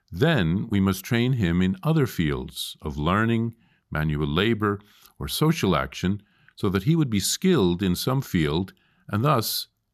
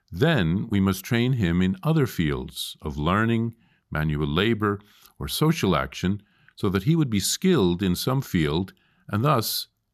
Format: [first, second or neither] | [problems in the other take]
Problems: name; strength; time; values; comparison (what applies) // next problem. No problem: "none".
neither | none